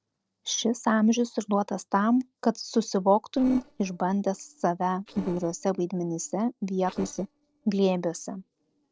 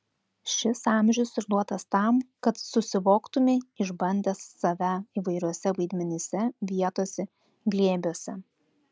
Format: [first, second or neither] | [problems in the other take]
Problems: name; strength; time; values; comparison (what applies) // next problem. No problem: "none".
second | noise reduction (neural separator model SepFormer DNS4)